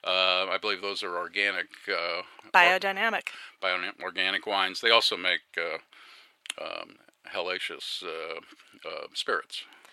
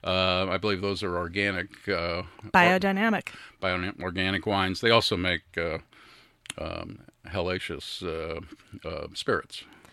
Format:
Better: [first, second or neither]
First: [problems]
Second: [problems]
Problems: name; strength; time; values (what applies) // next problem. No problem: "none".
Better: second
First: thin; very; fading below 550 Hz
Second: none